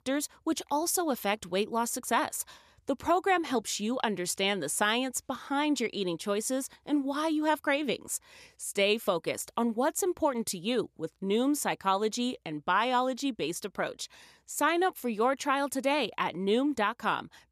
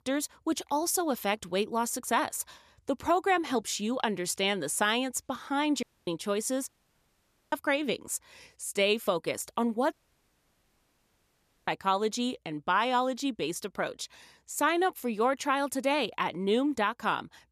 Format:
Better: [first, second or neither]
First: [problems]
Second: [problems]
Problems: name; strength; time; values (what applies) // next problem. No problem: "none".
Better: first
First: none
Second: audio cutting out; at 6 s, at 6.5 s for 1 s and at 10 s for 1.5 s